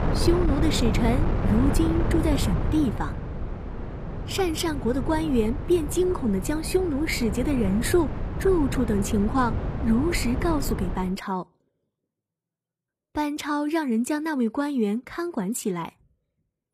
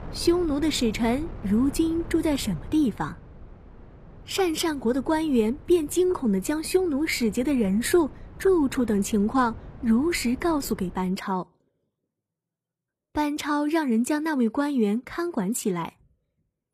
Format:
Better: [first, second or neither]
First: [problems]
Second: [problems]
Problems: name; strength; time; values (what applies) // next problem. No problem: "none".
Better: second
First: wind noise on the microphone; heavy; until 11 s; 7 dB below the speech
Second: wind noise on the microphone; occasional gusts; until 11 s; 20 dB below the speech